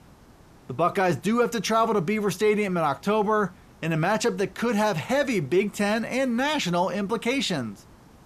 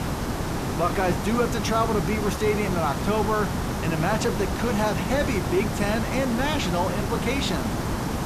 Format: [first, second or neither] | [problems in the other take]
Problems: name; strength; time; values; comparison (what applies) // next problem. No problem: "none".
first | hiss; loud; throughout; 2 dB below the speech; faint in the first